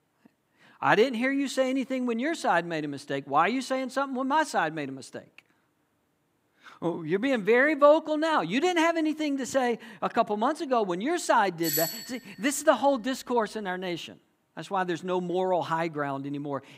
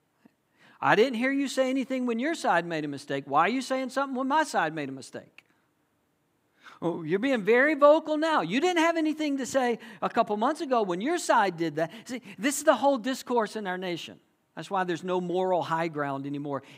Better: second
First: doorbell; noticeable; at 12 s; peak 1 dB below the speech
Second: none

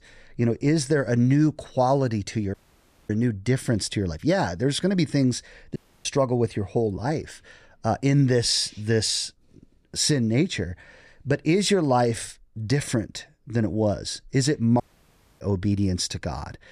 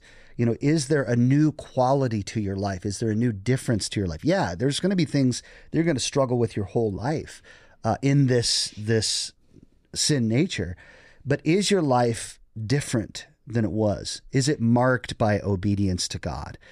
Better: second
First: audio cutting out; at 2.5 s for 0.5 s, at 6 s and at 15 s for 0.5 s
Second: none

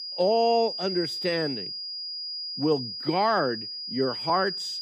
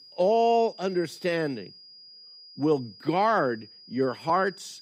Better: second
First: high-pitched whine; loud; throughout; 5 kHz, 5 dB below the speech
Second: high-pitched whine; faint; throughout; 5 kHz, 20 dB below the speech

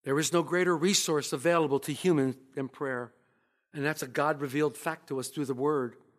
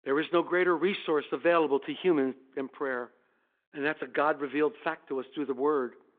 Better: first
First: none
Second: phone-call audio; nothing above 3.5 kHz

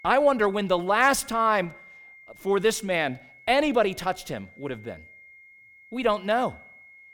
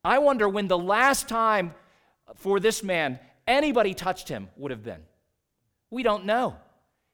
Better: second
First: high-pitched whine; faint; throughout; 2 kHz, 25 dB below the speech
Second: none

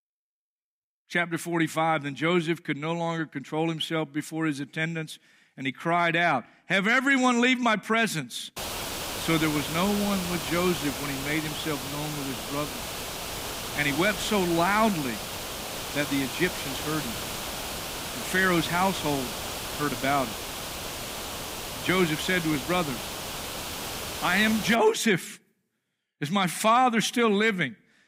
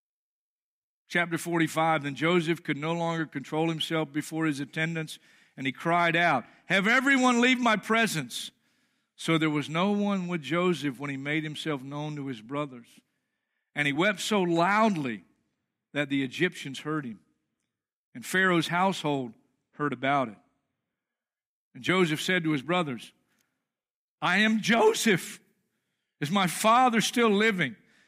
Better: second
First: hiss; loud; from 8.5 to 25 s; 6 dB below the speech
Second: none

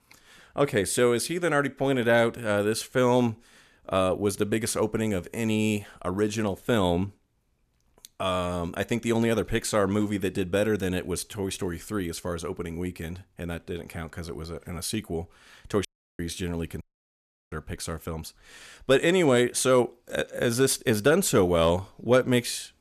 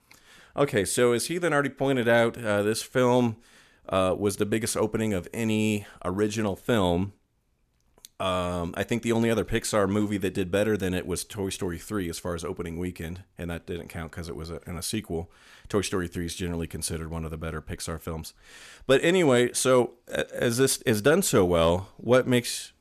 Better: second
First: audio cutting out; at 16 s and at 17 s for 0.5 s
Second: none

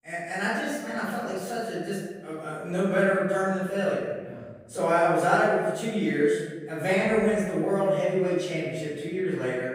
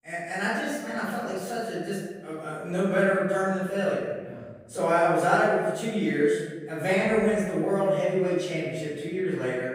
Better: neither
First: off-mic speech; far // room echo; strong; dies away in 1.2 s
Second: off-mic speech; far // room echo; strong; dies away in 1.2 s

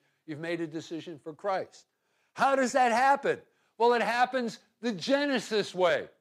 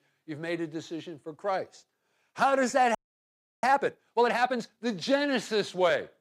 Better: first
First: none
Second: audio freezing; at 3 s for 0.5 s

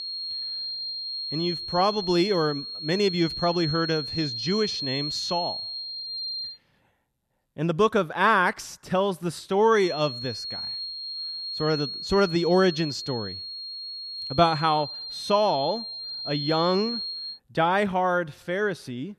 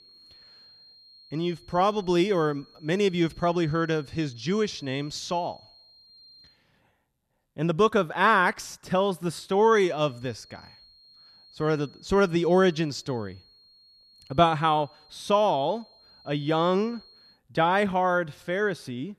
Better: second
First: high-pitched whine; loud; until 6.5 s and from 10 to 17 s; 4.5 kHz, 6 dB below the speech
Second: high-pitched whine; faint; until 6.5 s and from 10 to 17 s; 4.5 kHz, 25 dB below the speech

